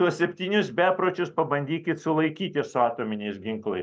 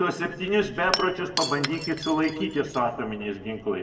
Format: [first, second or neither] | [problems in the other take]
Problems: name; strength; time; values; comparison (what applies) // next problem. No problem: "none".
first | background sound (Shatter / Crushing); 9 dB below the speech // room echo; dies away in 1.2 s